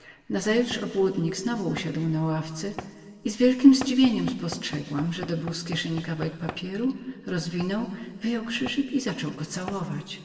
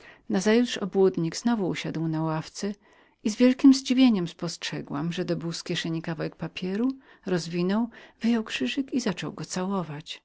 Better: second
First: background sound (Knock / Wood); 18 dB below the speech // room echo; dies away in 2.8 s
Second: none

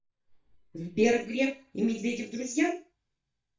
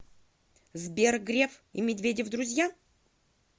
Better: second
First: noise reduction (neural mask model DeepFilterNet 3)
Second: none

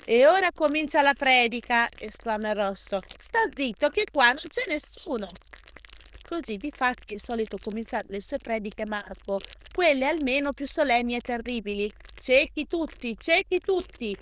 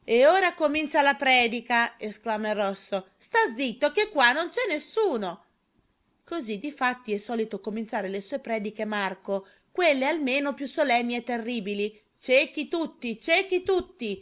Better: second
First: noise reduction (neural diffusion model UNIVERSE++)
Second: none

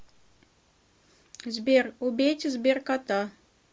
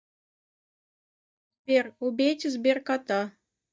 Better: first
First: none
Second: noise reduction (neural mask model DeepFilterNet 3)

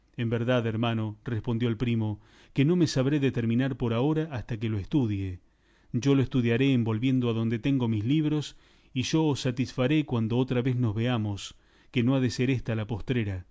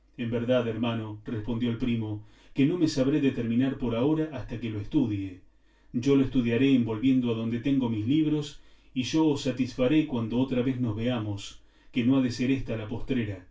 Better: first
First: none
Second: room echo; dies away in 0.2 s

